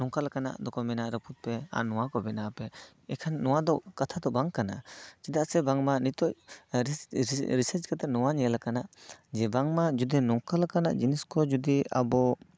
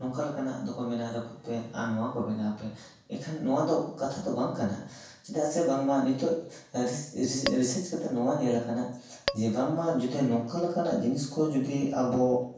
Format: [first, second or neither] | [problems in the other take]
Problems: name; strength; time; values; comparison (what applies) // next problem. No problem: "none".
first | background sound (Tap / Glass); 4 dB below the speech // room echo; dies away in 0.7 s